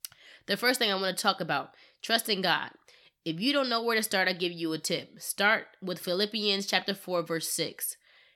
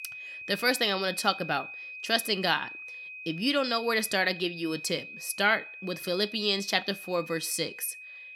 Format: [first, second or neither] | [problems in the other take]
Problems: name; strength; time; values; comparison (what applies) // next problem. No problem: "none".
first | high-pitched whine; noticeable; throughout; 2.5 kHz, 10 dB below the speech